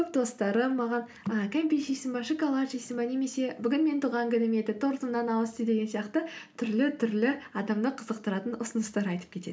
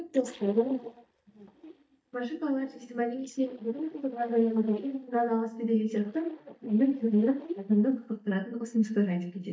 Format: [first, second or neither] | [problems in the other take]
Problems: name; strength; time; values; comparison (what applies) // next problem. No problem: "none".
first | noise reduction (neural mask model DeepFilterNet 3)